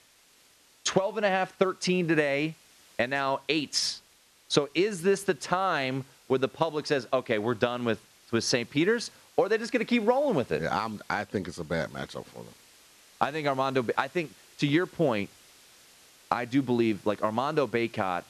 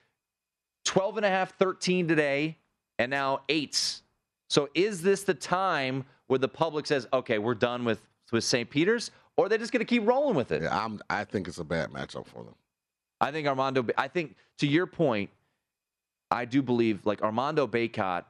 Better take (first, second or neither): second